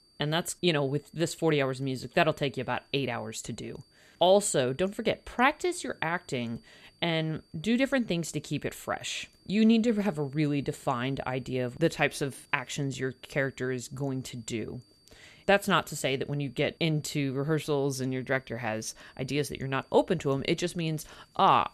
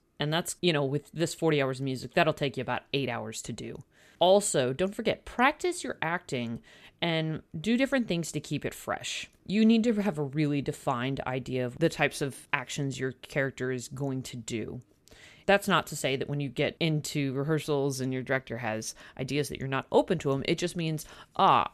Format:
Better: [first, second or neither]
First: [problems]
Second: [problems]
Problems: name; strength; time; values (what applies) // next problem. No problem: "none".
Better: second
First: high-pitched whine; faint; throughout; 4.5 kHz, 35 dB below the speech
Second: none